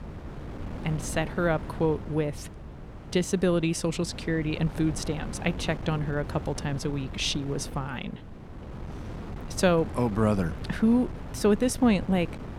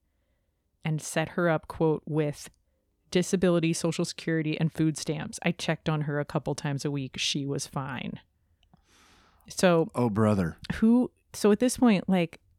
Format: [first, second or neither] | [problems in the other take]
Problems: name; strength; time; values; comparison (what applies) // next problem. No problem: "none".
second | wind noise on the microphone; occasional gusts; 15 dB below the speech